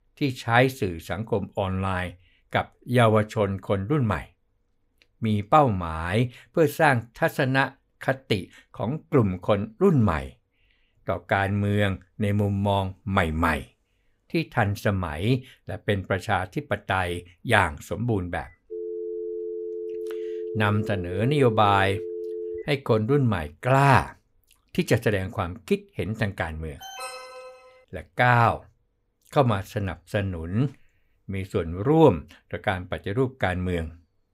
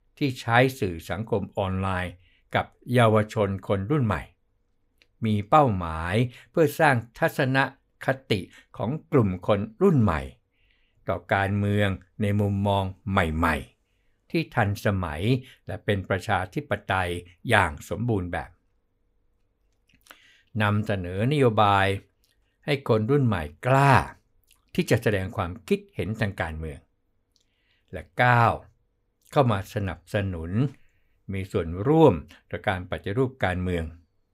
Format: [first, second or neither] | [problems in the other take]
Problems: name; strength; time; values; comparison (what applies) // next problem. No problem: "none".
second | phone ringing; noticeable; from 18 to 23 s; peak 8 dB below the speech // alarm; faint; at 27 s; peak 10 dB below the speech